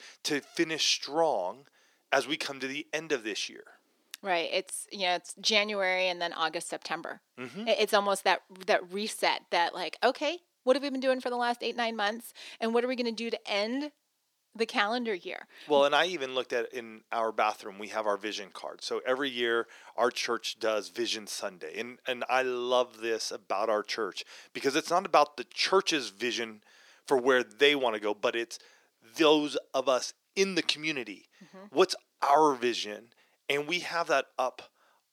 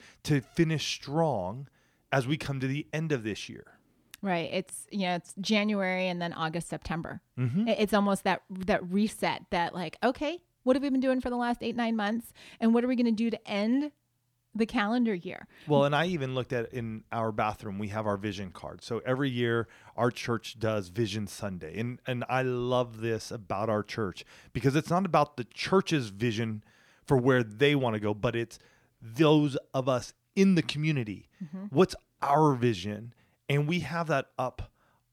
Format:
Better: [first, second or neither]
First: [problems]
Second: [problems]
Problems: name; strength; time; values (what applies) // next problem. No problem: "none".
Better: second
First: thin; somewhat; fading below 350 Hz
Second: none